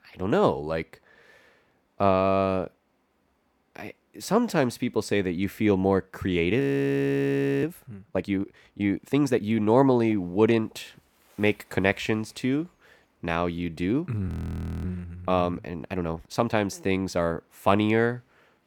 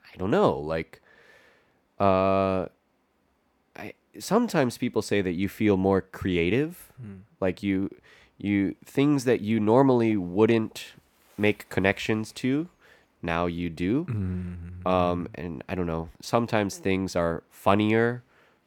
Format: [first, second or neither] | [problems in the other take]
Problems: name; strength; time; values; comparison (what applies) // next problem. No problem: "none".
second | audio freezing; at 6.5 s for 1 s and at 14 s for 0.5 s